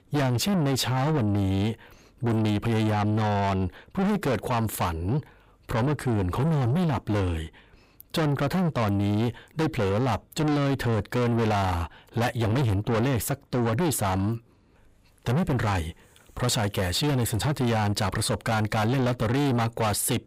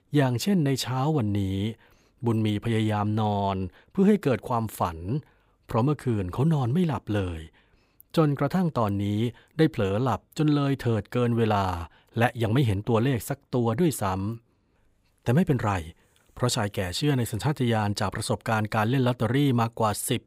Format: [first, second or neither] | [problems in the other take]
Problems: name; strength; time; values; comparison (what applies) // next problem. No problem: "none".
second | distortion; heavy; 7 dB below the speech